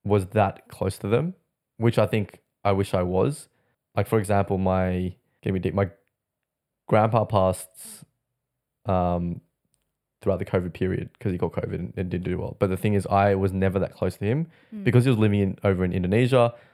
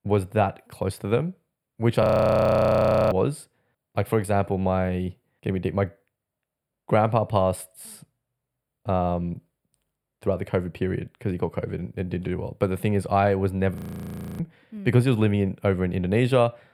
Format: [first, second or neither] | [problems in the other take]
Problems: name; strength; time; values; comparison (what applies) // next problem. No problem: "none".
first | audio freezing; at 2 s for 1 s and at 14 s for 0.5 s